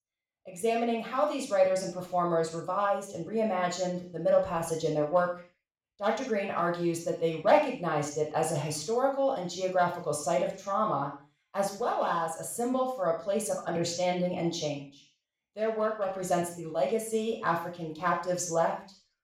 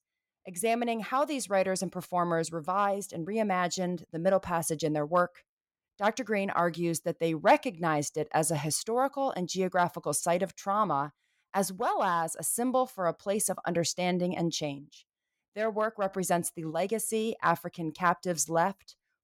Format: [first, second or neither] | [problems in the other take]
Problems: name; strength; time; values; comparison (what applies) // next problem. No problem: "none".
second | room echo; noticeable; dies away in 0.4 s // off-mic speech; far